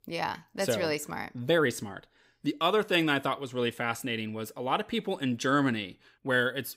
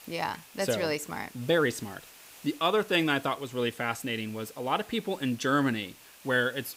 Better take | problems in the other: first | hiss; faint; throughout; 20 dB below the speech

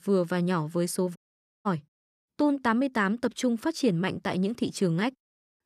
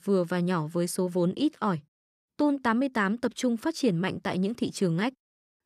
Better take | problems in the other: second | audio cutting out; at 1 s

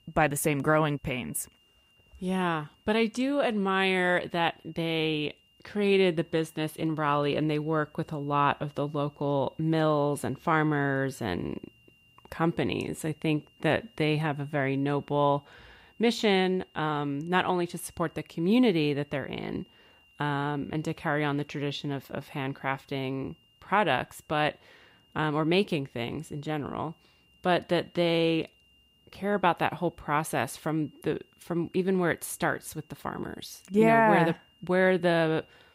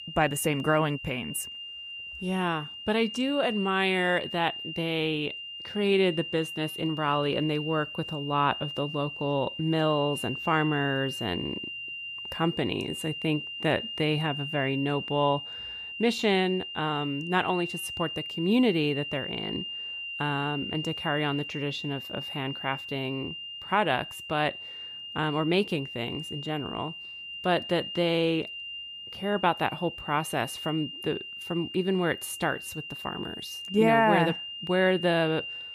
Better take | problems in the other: first | high-pitched whine; loud; throughout; 3 kHz, 7 dB below the speech; faint in the first

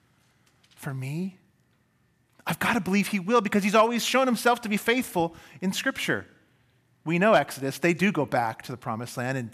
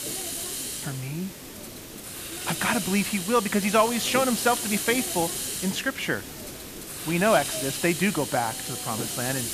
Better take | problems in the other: first | hiss; loud; throughout; 5 dB below the speech

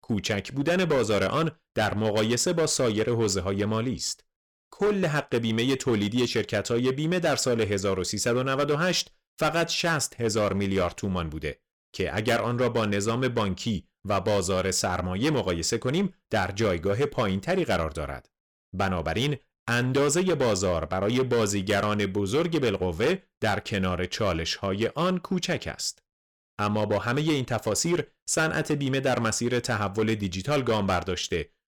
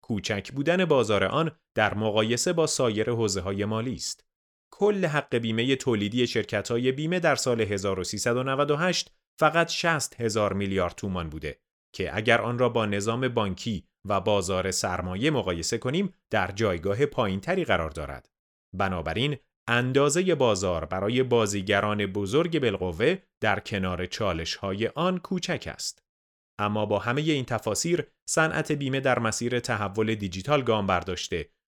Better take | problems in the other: second | distortion; slight; 9% of the sound clipped

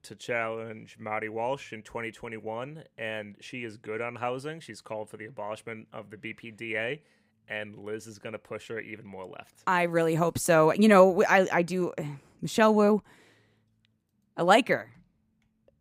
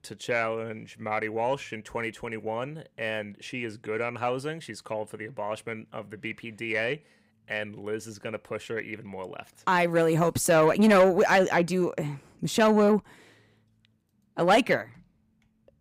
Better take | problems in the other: first | distortion; slight; 10 dB below the speech

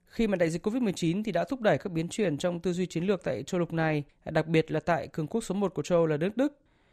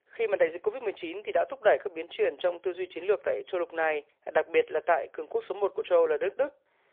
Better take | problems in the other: first | phone-call audio; poor line; nothing above 3.5 kHz

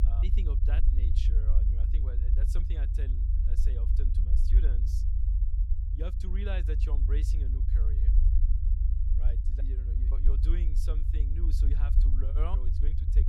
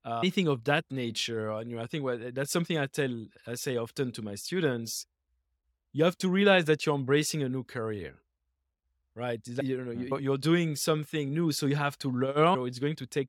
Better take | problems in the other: second | low rumble; loud; throughout; 2 dB below the speech

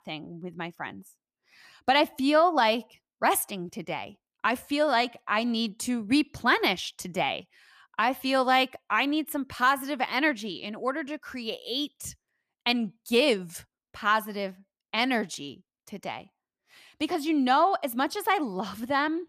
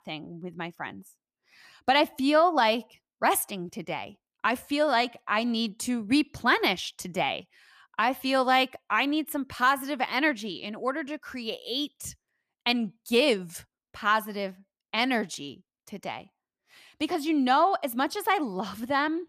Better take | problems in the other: neither | none

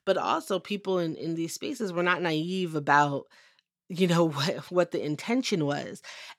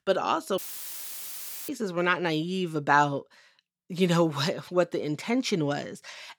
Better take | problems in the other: first | audio cutting out; filled with static; at 0.5 s for 1 s

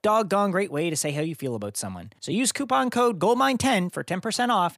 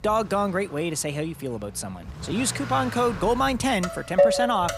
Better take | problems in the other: first | traffic noise; loud; throughout; 2 dB below the speech

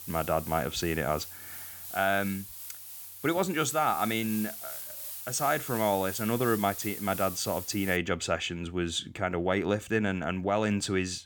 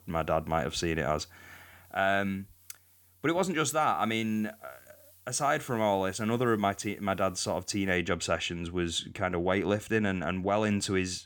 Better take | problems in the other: second | hiss; loud; until 8 s; 9 dB below the speech; faint in the second

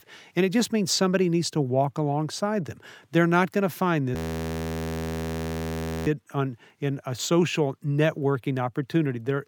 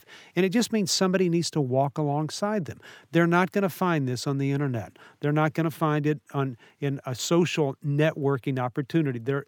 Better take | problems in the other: second | audio freezing; at 4 s for 2 s

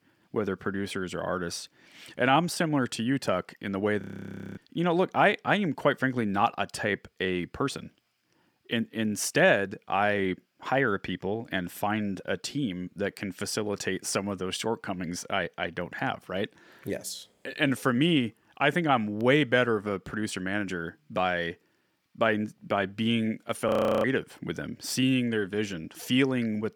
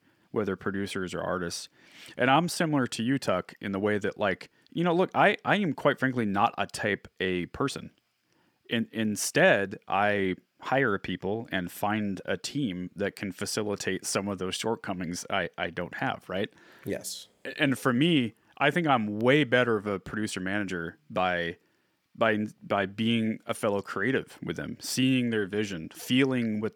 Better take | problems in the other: second | audio freezing; at 4 s for 0.5 s and at 24 s

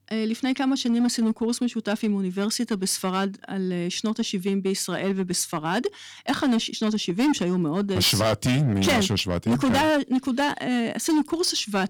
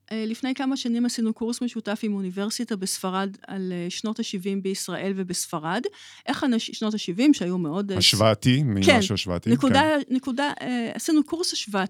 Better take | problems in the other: second | distortion; heavy; 10% of the sound clipped

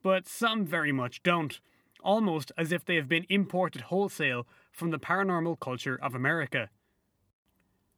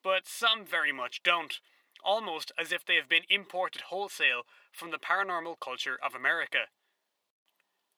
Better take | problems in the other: first | thin; very; fading below 650 Hz

